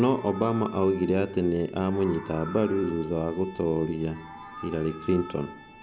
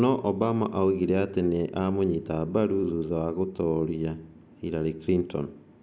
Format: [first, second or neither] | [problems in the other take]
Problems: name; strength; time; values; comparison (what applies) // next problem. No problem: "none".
second | background sound (Meow + Organ); 17 dB below the speech